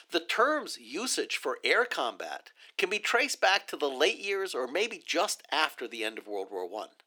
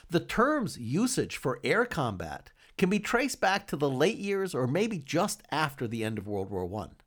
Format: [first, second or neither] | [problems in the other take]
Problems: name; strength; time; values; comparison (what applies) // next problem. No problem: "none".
second | thin; very; fading below 300 Hz